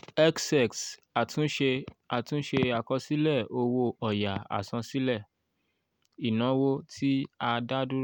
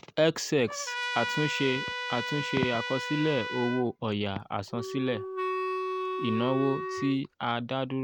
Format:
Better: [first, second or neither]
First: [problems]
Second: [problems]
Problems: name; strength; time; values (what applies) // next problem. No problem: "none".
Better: first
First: none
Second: background sound (Trumpet + Wind instrument, woodwind instrument); 4 dB below the speech